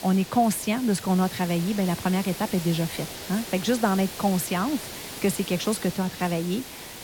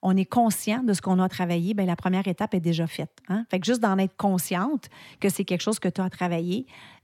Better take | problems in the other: second | hiss; noticeable; throughout; 10 dB below the speech

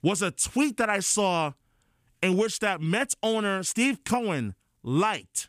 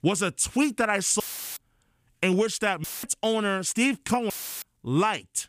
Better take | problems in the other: first | audio cutting out; filled with static; at 1 s, at 3 s and at 4.5 s

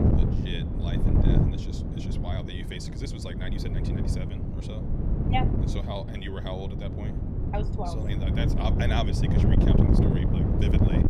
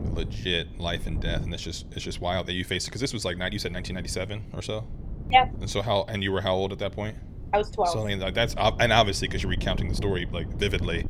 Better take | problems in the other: second | wind noise on the microphone; heavy; 1 dB above the speech; occasional gusts in the second

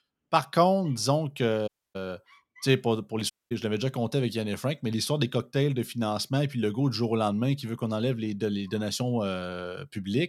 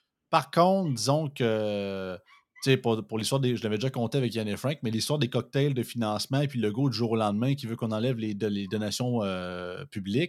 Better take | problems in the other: second | audio cutting out; at 1.5 s and at 3.5 s

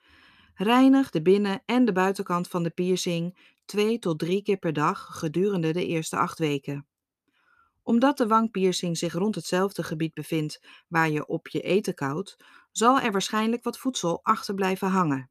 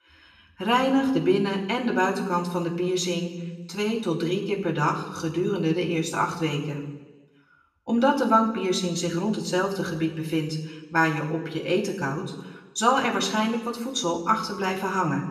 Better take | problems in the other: first | room echo; slight; dies away in 1 s // off-mic speech; somewhat distant

